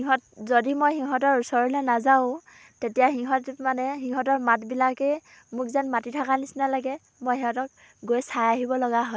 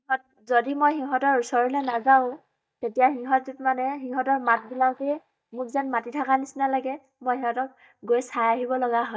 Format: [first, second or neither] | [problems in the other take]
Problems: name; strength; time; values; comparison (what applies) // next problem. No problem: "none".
first | noise reduction (neural mask model DeepFilterNet 3)